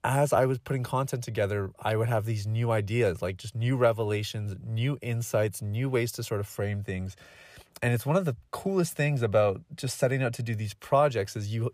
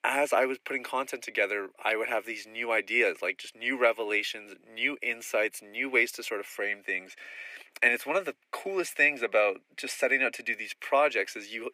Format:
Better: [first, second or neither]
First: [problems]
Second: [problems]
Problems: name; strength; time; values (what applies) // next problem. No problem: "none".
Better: first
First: none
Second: thin; very; fading below 250 Hz